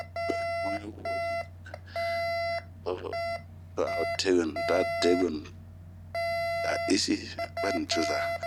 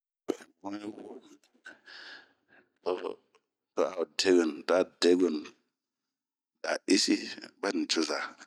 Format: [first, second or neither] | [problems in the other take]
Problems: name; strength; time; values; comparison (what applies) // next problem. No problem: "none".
second | background sound (Alarm); as loud as the speech